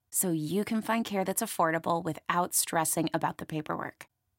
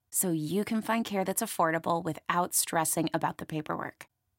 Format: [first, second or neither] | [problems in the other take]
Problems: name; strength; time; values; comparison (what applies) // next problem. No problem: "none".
neither | none